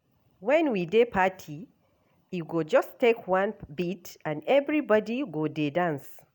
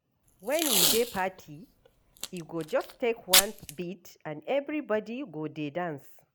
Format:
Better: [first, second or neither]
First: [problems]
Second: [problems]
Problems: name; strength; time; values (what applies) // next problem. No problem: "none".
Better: first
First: none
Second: background sound (Packing tape, duct tape); 3 dB above the speech